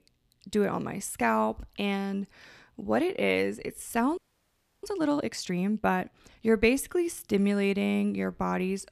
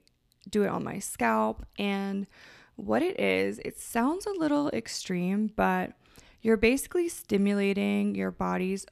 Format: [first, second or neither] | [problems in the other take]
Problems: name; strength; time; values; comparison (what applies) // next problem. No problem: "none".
second | audio freezing; at 4 s for 0.5 s